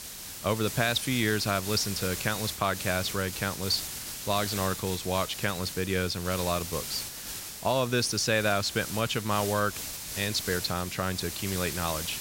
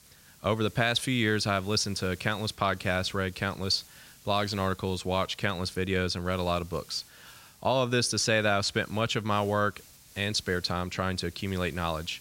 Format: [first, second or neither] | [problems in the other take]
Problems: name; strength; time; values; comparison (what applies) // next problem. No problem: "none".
second | hiss; loud; throughout; 6 dB below the speech; faint in the second